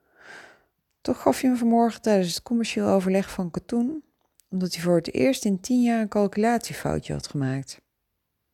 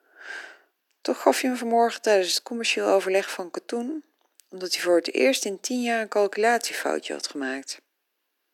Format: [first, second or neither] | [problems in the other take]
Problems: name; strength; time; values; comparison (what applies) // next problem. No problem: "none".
first | thin; somewhat; fading below 300 Hz